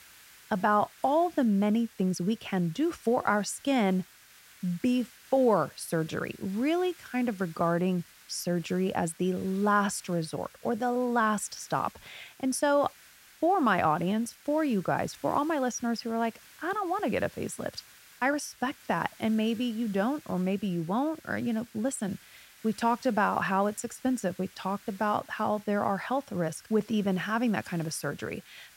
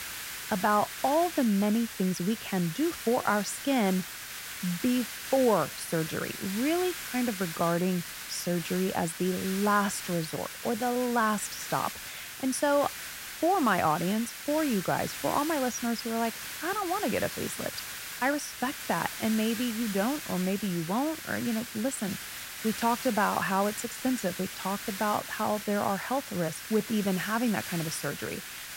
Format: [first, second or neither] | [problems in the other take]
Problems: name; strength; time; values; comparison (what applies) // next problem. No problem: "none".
first | hiss; loud; throughout; 7 dB below the speech; faint in the first